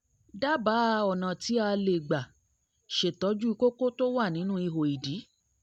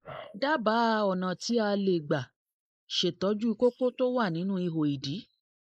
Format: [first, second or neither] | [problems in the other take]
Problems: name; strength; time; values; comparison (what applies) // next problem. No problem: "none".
first | noise reduction (neural mask model Resemble Enhance denoiser)